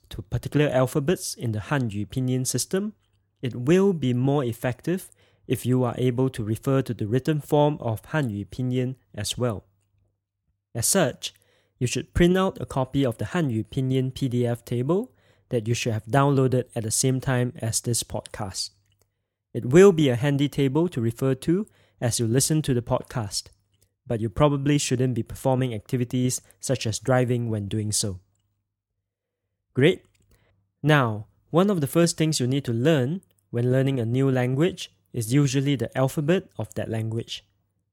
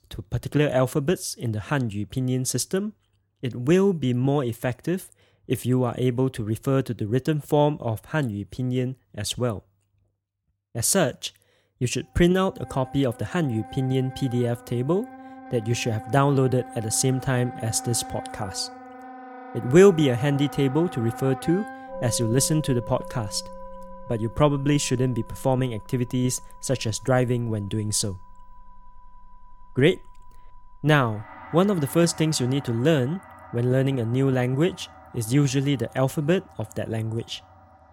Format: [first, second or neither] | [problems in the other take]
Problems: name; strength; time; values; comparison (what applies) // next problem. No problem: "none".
first | background music; noticeable; from 13 s on; 15 dB below the speech